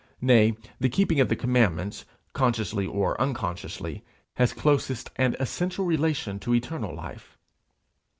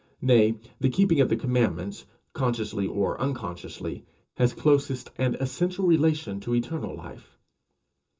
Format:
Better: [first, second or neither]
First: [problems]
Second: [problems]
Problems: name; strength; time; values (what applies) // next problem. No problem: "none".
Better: first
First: none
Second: room echo; dies away in 0.2 s